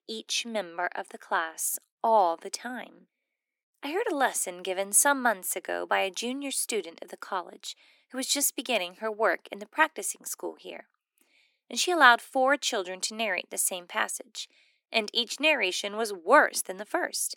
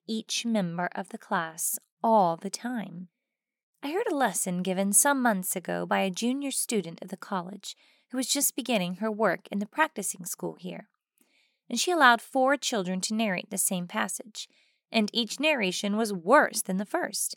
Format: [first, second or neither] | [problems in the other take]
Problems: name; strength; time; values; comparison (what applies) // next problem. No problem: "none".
second | thin; somewhat; fading below 250 Hz